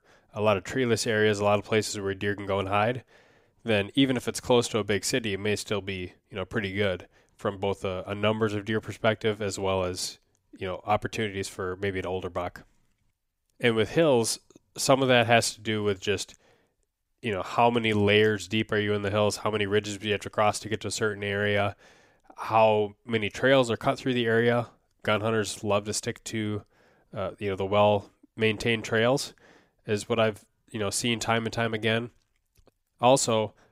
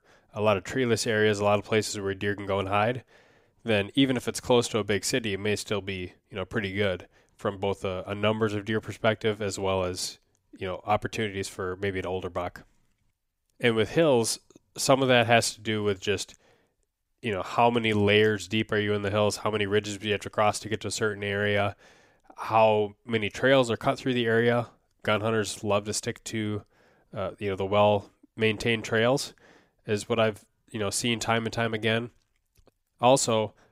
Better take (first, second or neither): neither